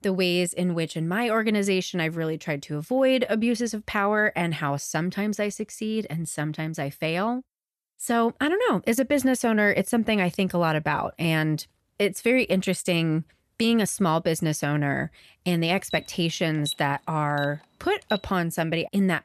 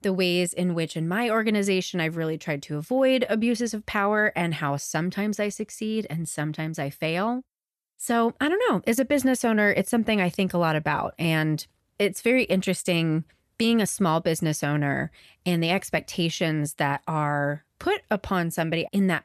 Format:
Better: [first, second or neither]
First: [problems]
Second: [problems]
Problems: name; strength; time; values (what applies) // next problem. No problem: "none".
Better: second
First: alarm; noticeable; from 16 to 18 s; peak 8 dB below the speech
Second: none